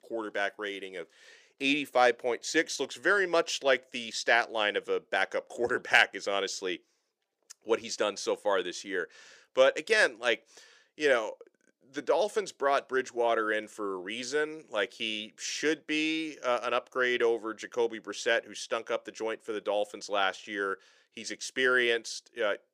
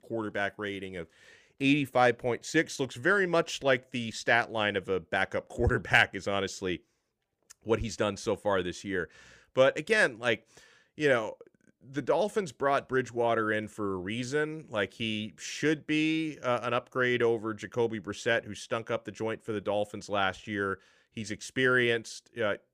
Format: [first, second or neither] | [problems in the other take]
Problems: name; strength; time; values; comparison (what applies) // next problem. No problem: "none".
second | thin; somewhat; fading below 400 Hz